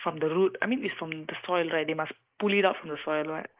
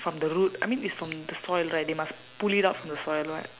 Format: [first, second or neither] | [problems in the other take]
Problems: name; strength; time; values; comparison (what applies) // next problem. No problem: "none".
second | noise reduction (neural mask model Resemble Enhance denoiser)